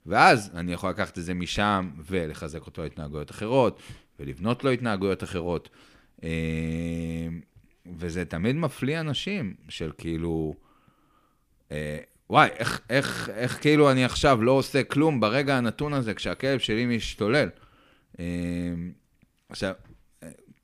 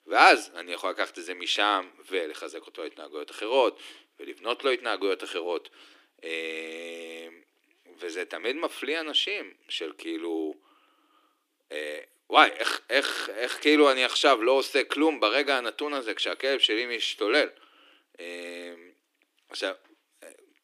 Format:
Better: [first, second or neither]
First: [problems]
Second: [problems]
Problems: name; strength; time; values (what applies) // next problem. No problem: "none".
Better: first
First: none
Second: thin; somewhat; fading below 300 Hz